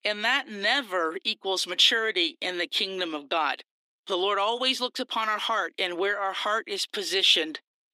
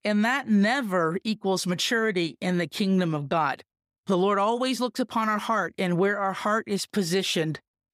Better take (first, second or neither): second